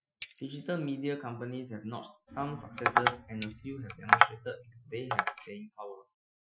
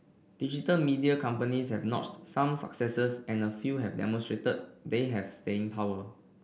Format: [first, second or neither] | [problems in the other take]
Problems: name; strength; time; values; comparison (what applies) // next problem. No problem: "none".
second | noise reduction (classical method Wiener filter)